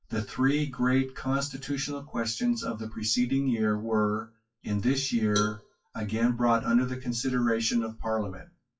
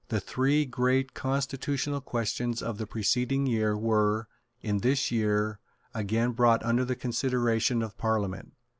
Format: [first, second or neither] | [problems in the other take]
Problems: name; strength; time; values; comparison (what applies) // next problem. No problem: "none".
second | noise reduction (classical method WPE with log-MMSE)